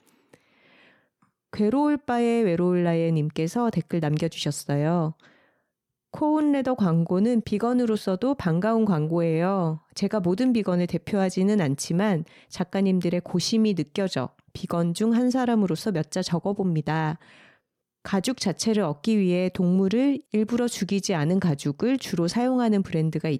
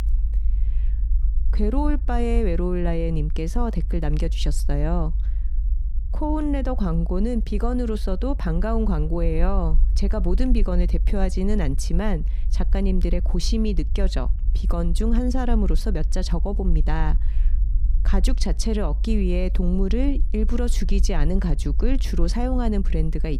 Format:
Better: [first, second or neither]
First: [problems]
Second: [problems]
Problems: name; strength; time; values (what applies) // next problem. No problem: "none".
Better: first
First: none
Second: low rumble; noticeable; throughout; 20 dB below the speech